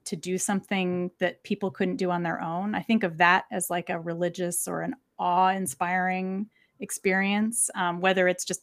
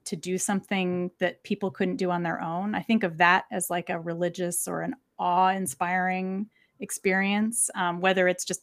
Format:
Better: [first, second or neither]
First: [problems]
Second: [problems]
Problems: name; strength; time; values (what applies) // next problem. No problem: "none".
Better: neither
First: none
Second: none